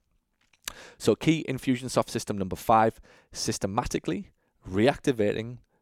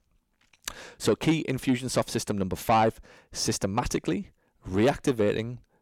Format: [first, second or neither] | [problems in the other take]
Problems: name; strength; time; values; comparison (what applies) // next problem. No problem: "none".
first | distortion; slight; 10 dB below the speech